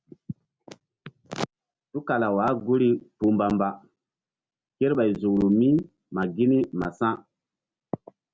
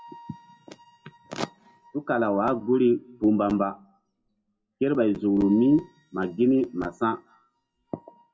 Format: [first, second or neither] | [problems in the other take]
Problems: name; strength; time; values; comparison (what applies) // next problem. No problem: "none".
first | noise reduction (classical method WPE with log-MMSE)